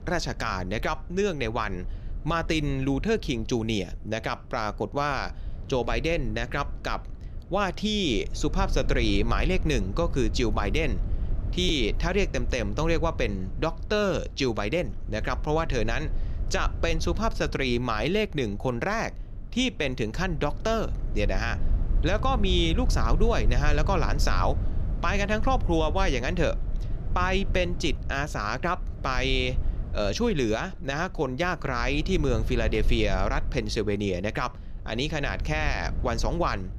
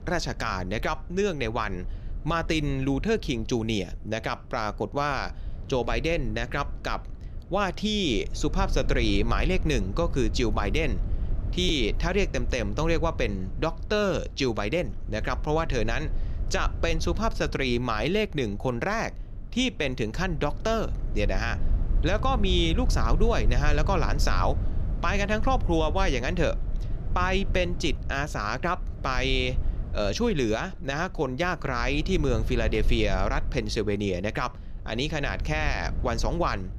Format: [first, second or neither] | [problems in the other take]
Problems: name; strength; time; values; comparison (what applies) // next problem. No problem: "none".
neither | low rumble; noticeable; throughout; 20 dB below the speech; the same in both